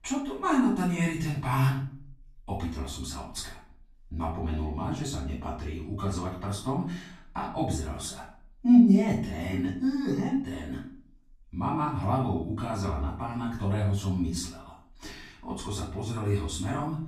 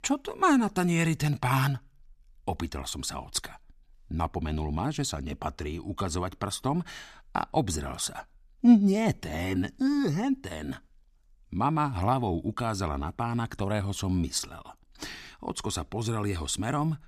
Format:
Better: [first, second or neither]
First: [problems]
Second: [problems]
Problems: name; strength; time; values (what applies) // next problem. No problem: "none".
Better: second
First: off-mic speech; far // room echo; noticeable; dies away in 0.4 s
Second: none